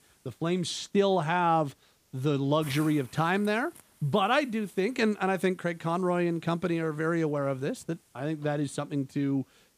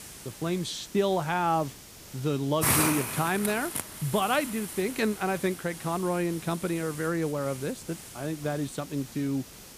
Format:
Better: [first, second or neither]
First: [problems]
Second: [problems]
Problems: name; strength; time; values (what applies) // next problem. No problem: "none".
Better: first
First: hiss; faint; throughout; 25 dB below the speech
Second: hiss; loud; throughout; 4 dB below the speech